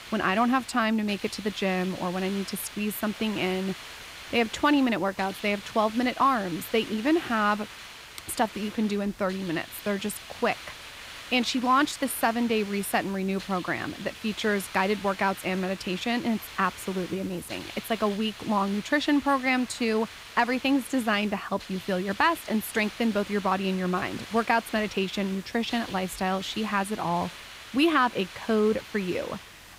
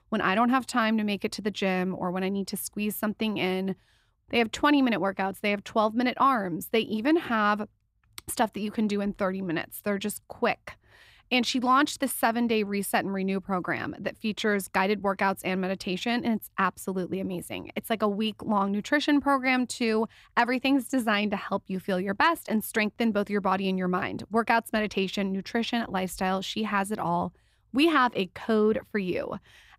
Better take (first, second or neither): second